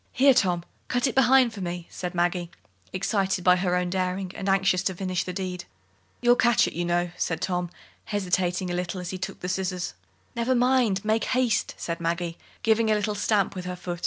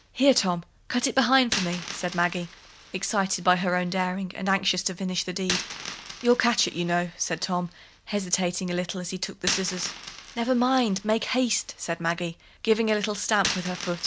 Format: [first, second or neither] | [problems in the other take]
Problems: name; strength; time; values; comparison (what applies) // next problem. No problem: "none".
first | background sound (Coin (dropping)); 12 dB below the speech